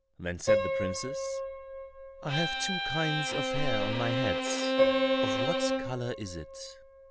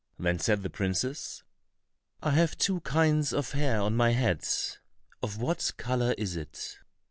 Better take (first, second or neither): second